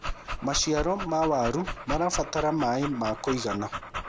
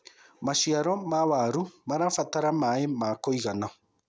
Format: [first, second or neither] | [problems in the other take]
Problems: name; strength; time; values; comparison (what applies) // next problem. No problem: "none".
second | background sound (Dog); 7 dB below the speech